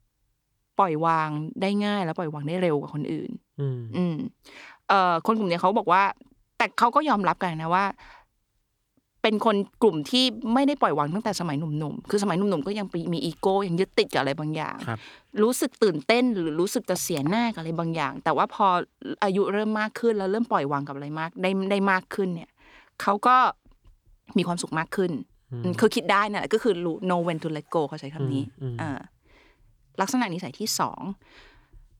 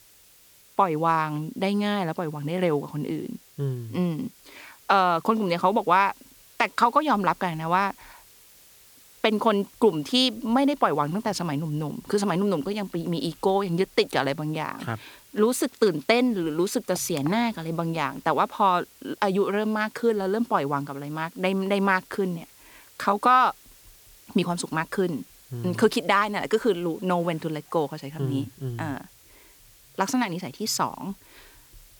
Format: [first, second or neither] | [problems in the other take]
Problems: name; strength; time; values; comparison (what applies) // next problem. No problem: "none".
first | hiss; faint; throughout; 25 dB below the speech